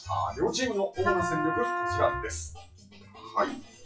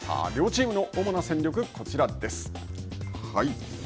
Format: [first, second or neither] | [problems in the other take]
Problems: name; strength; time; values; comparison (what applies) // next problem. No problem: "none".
second | noise reduction (classical method WPE with log-MMSE)